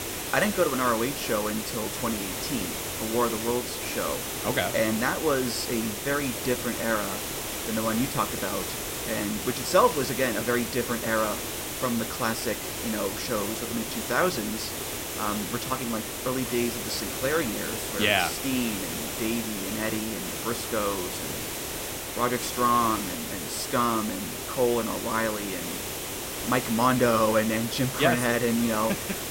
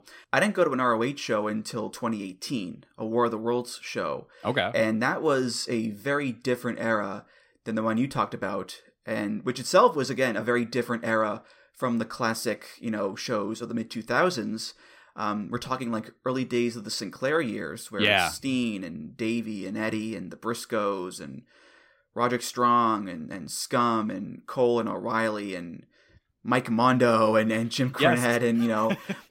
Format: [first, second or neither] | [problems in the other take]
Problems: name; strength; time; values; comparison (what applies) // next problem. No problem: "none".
second | hiss; loud; throughout; 3 dB below the speech